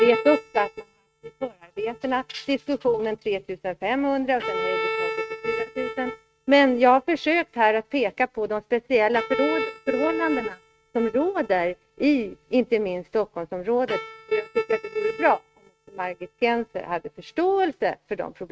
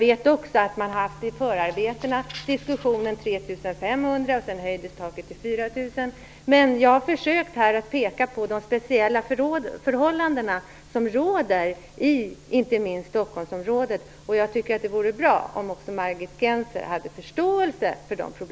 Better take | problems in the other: second | noise reduction (neural mask model RNNoise)

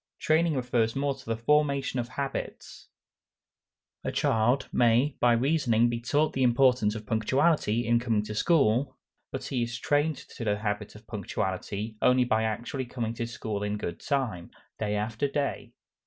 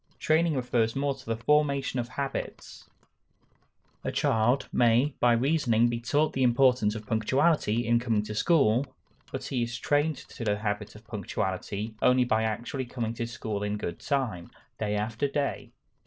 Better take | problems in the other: first | noise reduction (neural separator model SepFormer DNS4)

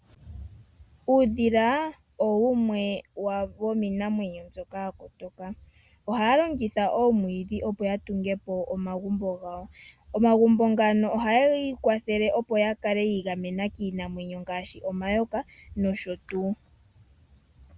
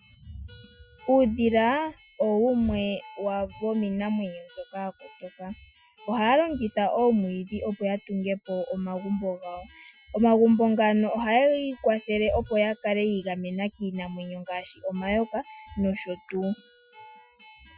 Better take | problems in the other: first | noise reduction (classical method Wiener filter)

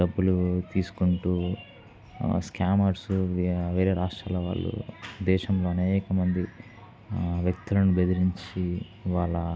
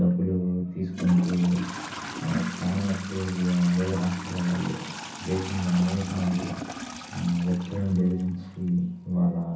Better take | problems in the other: first | background sound (Trickle, dribble / Toilet flush); 12 dB below the speech // room echo; dies away in 0.6 s

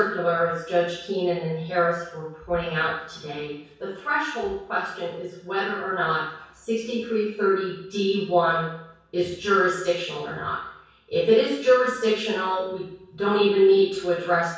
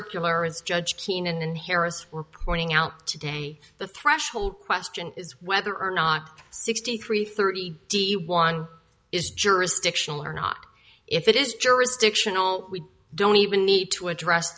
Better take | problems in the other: second | room echo; dies away in 0.7 s

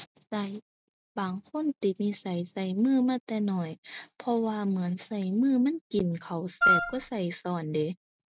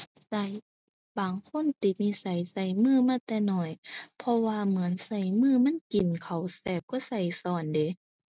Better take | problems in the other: second | background sound (Wind instrument, woodwind instrument); 4 dB above the speech

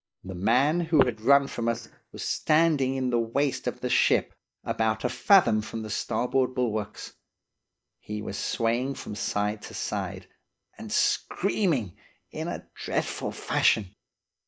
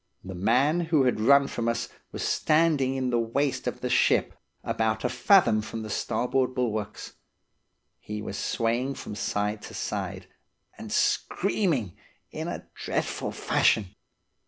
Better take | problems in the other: second | noise reduction (neural mask model DeepFilterNet 3)

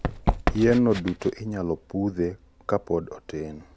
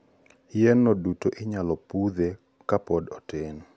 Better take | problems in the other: second | background sound (Run); 6 dB below the speech

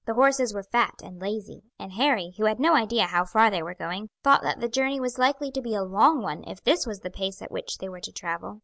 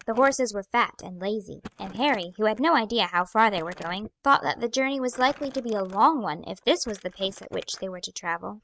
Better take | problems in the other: first | noise reduction (neural mask model RNNoise)

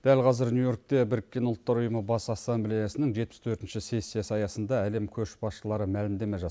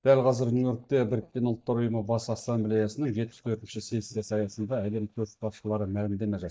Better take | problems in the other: first | noise reduction (neural mask model DeepFilterNet 3)

